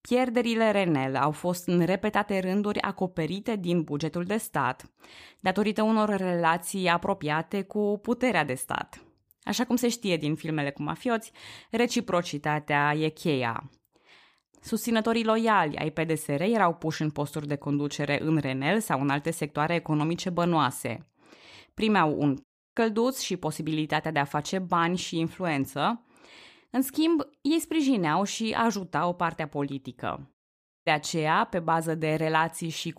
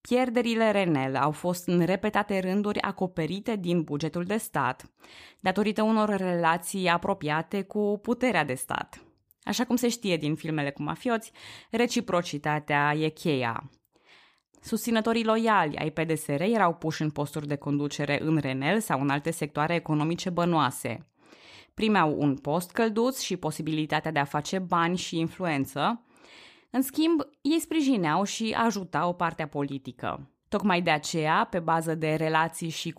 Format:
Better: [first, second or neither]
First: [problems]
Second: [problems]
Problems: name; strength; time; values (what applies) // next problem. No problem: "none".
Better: second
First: audio cutting out; at 22 s and at 30 s for 0.5 s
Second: none